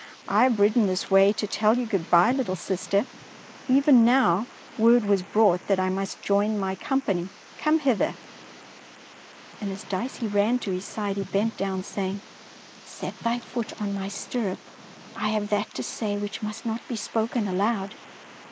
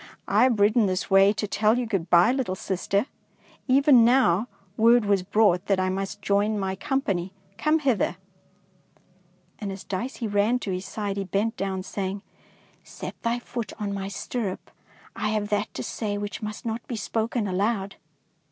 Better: second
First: noise reduction (neural mask model Resemble Enhance denoiser)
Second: none

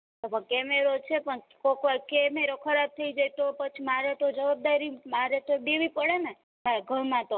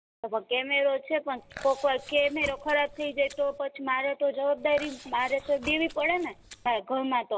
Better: first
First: none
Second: background sound (Chewing, mastication); 18 dB below the speech

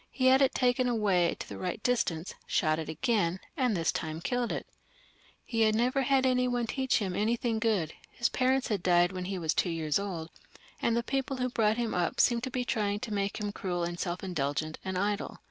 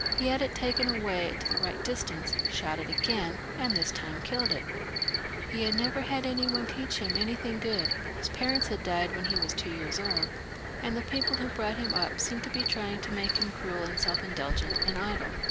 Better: first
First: none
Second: background sound (Cricket); 1 dB above the speech

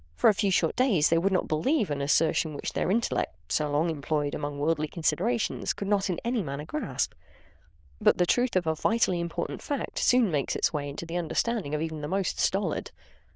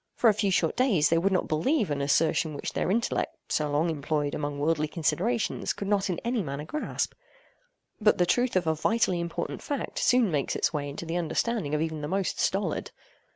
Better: second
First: noise reduction (neural diffusion model UNIVERSE++)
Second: none

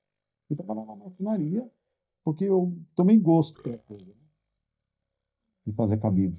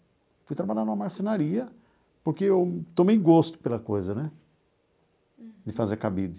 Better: second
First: noise reduction (neural mask model DeepFilterNet 3)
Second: none

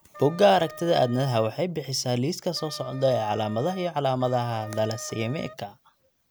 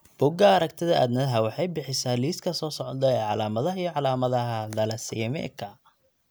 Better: second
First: background sound (Wind instrument, woodwind instrument); 18 dB below the speech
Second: none

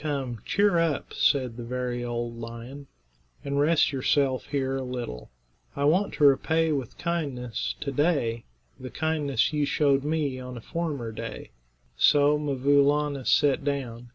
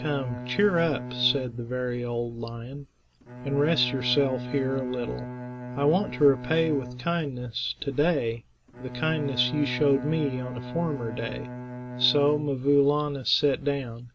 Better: first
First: none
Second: background sound (Bowed string instrument); 10 dB below the speech

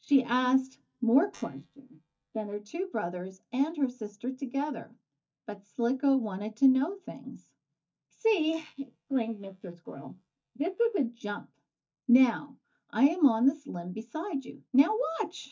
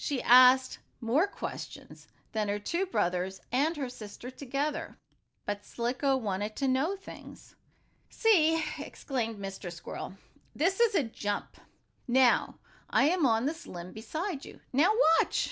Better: second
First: noise reduction (neural mask model DeepFilterNet 3)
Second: none

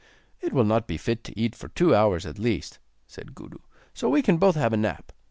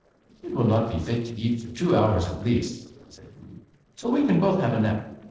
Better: first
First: none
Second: noise reduction (neural separator model SepFormer DNS4)

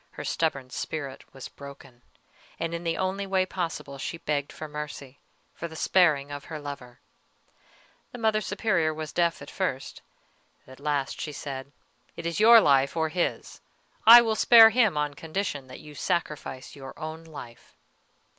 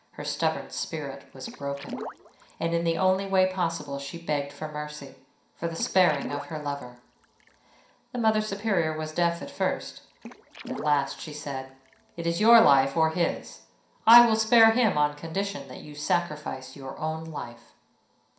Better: first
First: none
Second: background sound (Water / Splash, splatter); 15 dB below the speech // room echo; dies away in 0.5 s

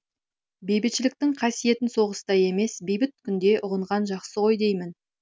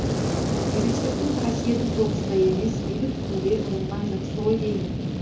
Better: first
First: none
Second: background sound (Fire); 1 dB above the speech // room echo; dies away in 0.7 s

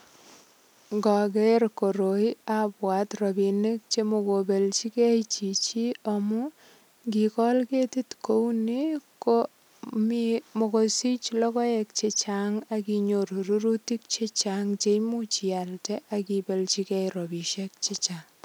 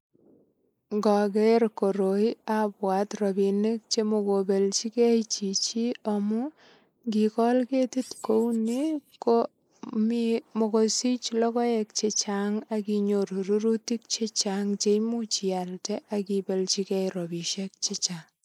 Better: first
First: none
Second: noise reduction (neural mask model Resemble Enhance denoiser)

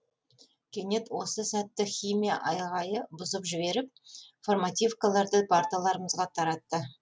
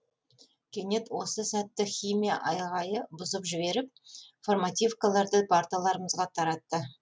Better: second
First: background sound (Bowed string instrument); 11 dB below the speech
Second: none

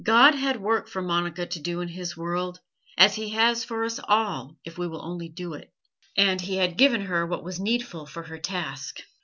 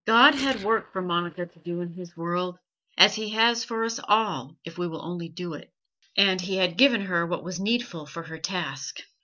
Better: first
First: none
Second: noise reduction (neural mask model DeepFilterNet 3)

